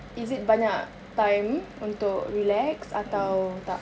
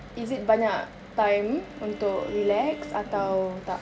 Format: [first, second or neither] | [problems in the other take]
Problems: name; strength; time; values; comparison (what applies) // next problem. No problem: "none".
first | background sound (Bowed string instrument); 18 dB below the speech